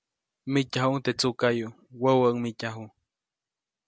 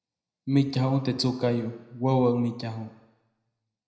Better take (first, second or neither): first